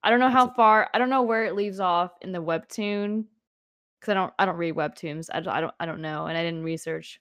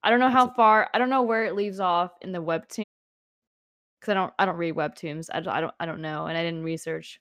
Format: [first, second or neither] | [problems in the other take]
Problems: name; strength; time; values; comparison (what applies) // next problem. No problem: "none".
first | audio cutting out; at 3 s for 0.5 s